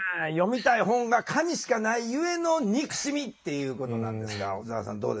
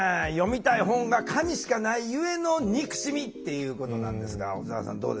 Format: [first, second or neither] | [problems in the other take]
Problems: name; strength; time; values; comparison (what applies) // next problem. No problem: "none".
second | noise reduction (neural mask model Resemble Enhance denoiser)